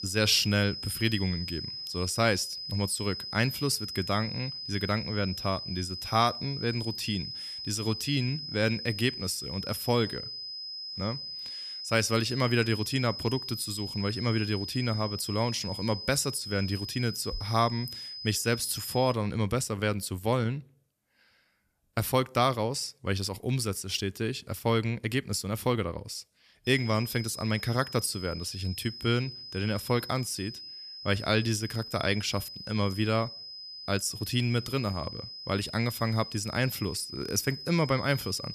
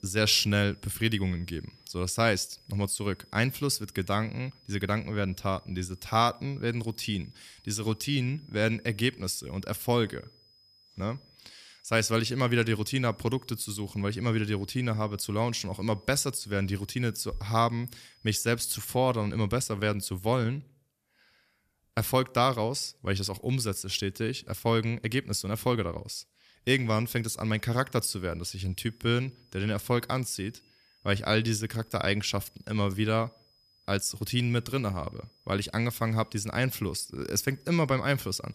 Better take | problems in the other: second | high-pitched whine; loud; until 19 s and from 27 s on; 5 kHz, 8 dB below the speech; faint in the second

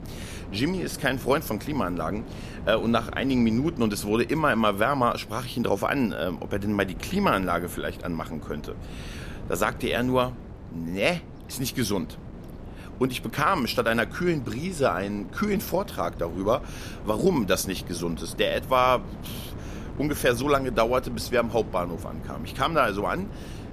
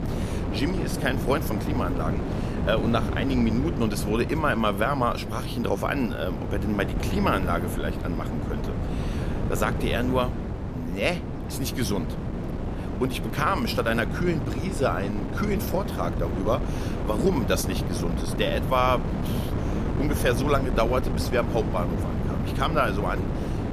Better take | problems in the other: first | wind noise on the microphone; heavy; 8 dB below the speech; occasional gusts in the first

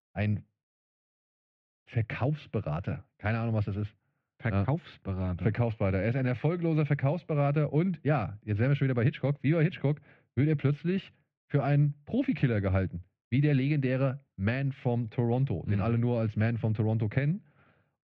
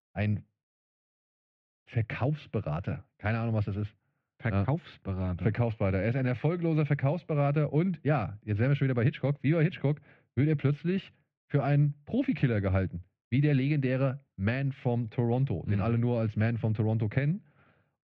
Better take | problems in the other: neither | muffled; very; fading above 2.5 kHz; the same in both

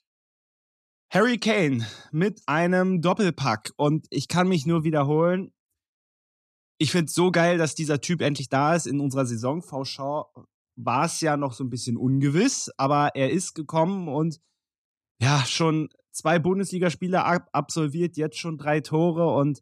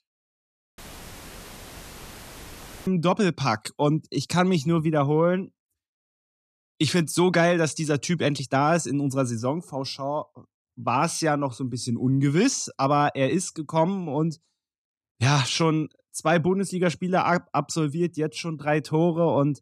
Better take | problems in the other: first | audio cutting out; filled with static; at 1 s for 2 s

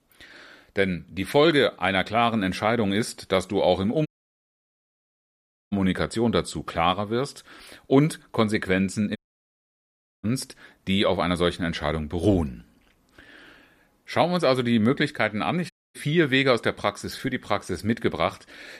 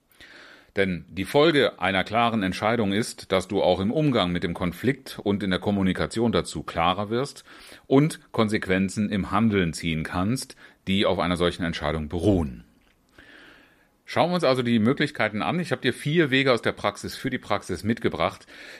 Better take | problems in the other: second | audio cutting out; at 4 s for 1.5 s, at 9 s for 1 s and at 16 s

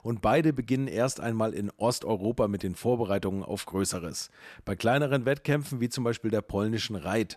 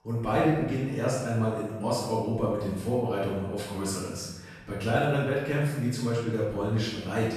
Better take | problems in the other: first | off-mic speech; far // room echo; strong; dies away in 1 s

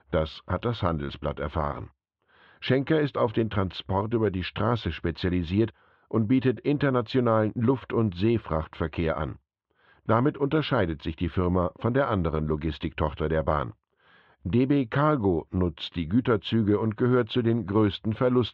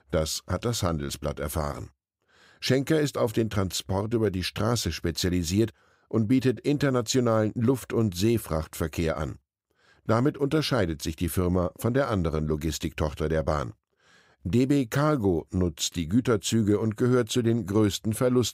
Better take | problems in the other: second | muffled; very; fading above 3.5 kHz

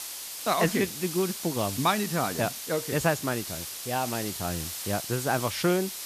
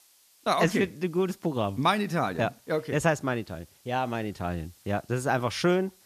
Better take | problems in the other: second | hiss; loud; throughout; 5 dB below the speech; faint in the second

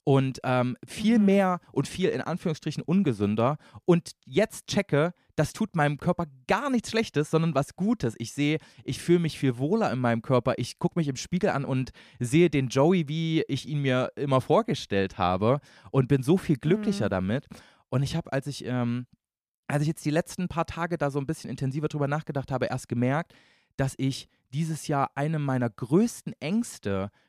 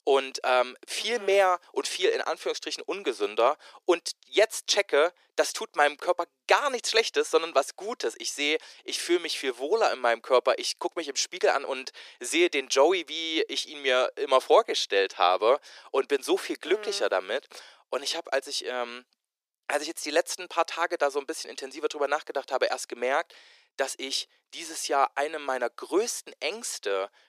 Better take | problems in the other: first | thin; very; fading below 400 Hz

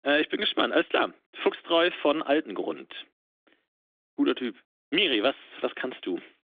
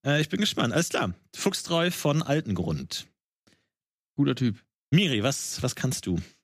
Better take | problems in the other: second | phone-call audio; nothing above 3.5 kHz

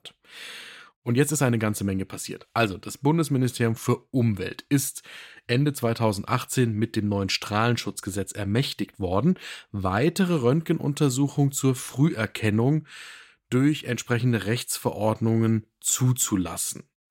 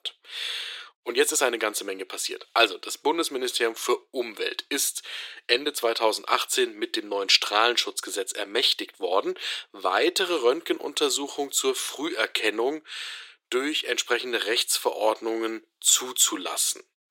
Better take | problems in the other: first | thin; very; fading below 350 Hz

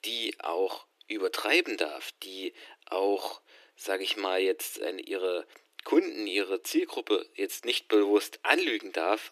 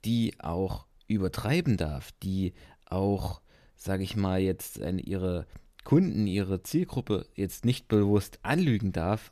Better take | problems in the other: second | thin; very; fading below 300 Hz

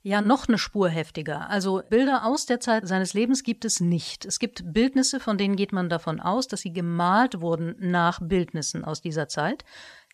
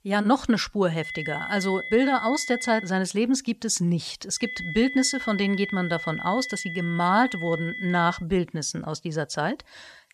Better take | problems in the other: first | high-pitched whine; loud; from 1 to 3 s and from 4.5 to 8 s; 2 kHz, 8 dB below the speech

